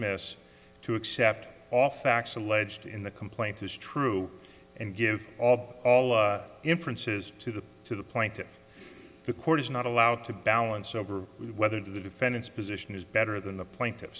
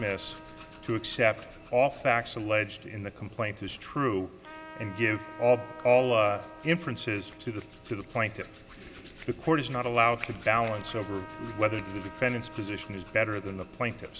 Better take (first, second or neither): first